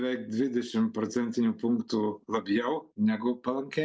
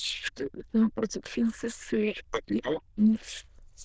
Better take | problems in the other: first | noise reduction (neural diffusion model UNIVERSE++)

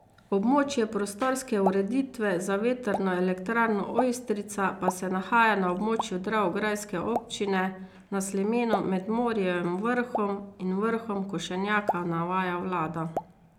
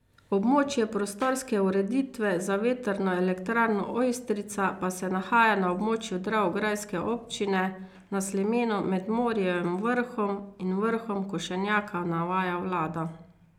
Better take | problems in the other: second | background sound (Explosion); 12 dB below the speech

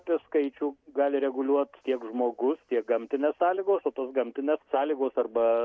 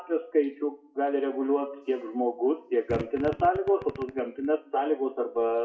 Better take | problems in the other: first | noise reduction (classical method WPE with log-MMSE)

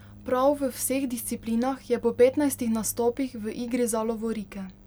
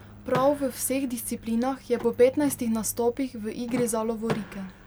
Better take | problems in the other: first | background sound (Door / Car); 15 dB below the speech

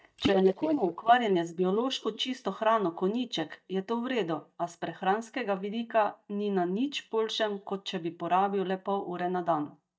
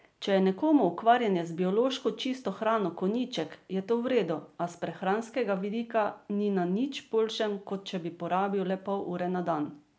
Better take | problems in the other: second | noise reduction (neural mask model DeepFilterNet 3)

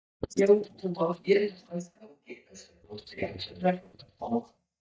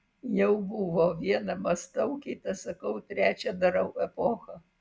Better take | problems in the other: second | noise reduction (neural mask model DeepFilterNet 3)

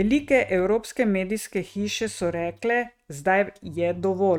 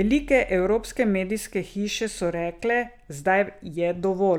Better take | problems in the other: second | noise reduction (neural mask model RNNoise)

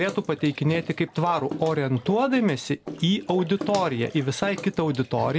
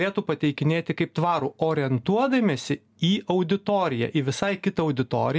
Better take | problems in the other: second | background sound (Bathtub (filling or washing) / Water / Splash, splatter); 15 dB below the speech

